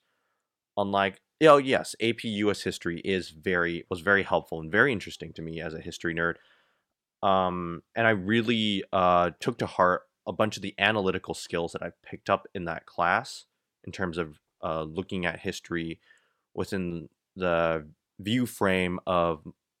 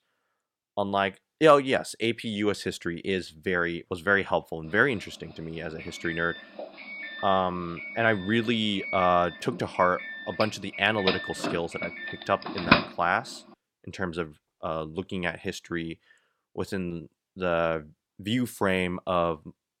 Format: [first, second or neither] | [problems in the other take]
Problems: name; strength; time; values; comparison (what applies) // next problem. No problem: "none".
first | doorbell; loud; from 10 to 13 s; peak 5 dB above the speech